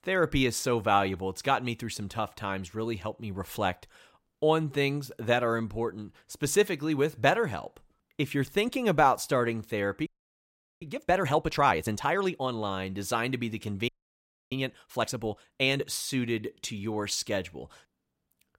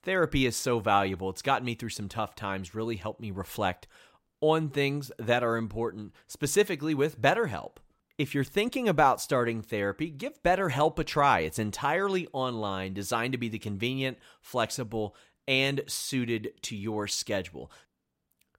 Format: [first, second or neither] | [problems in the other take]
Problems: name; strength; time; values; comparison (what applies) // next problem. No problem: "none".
second | audio freezing; at 10 s for 1 s and at 14 s for 0.5 s